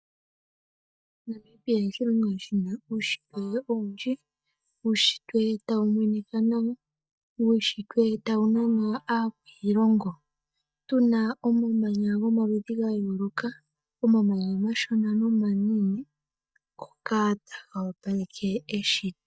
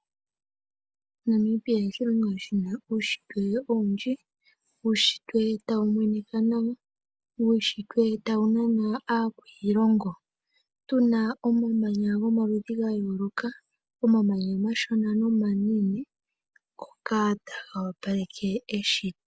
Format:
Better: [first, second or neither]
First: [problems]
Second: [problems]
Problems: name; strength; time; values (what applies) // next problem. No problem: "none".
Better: second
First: noise reduction (neural mask model DeepFilterNet 3)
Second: none